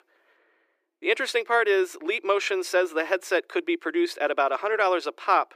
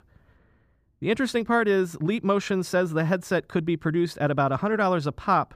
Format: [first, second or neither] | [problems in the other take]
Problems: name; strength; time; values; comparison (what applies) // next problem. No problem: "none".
second | thin; very; fading below 350 Hz